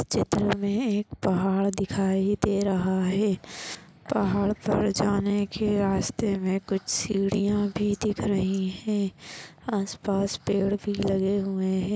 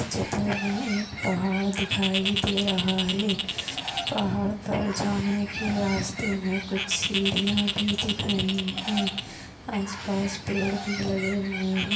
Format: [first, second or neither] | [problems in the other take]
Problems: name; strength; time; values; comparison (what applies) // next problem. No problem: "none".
first | background sound (Bird); 5 dB below the speech // room echo; dies away in 0.8 s